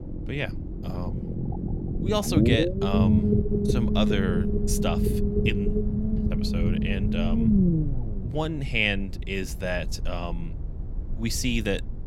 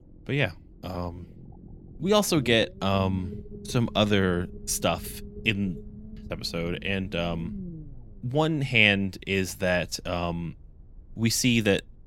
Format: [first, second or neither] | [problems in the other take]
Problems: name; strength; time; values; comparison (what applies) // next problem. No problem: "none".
second | low rumble; loud; throughout; 2 dB below the speech; faint in the second